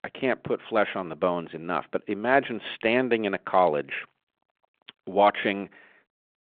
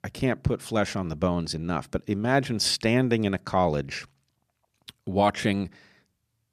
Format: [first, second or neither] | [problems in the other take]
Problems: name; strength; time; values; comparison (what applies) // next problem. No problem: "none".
second | phone-call audio